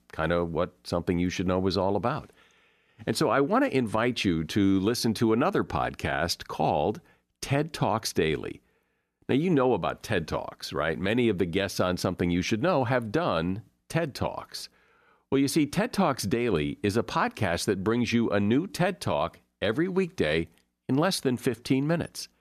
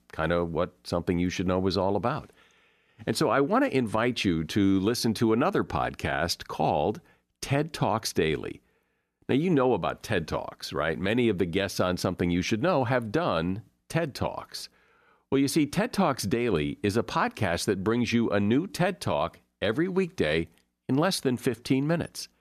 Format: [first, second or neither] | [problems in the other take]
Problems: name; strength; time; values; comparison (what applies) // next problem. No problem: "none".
neither | none